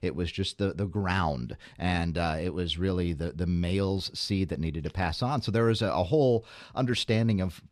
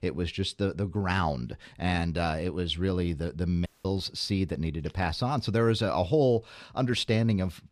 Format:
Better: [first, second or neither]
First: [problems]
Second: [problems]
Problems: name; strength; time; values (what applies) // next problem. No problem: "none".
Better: first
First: none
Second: audio cutting out; at 3.5 s